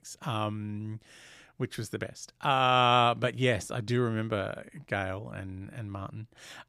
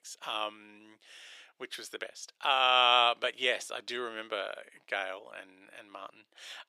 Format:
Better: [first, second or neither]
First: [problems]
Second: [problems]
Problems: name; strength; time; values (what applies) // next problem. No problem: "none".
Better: first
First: none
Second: thin; very; fading below 450 Hz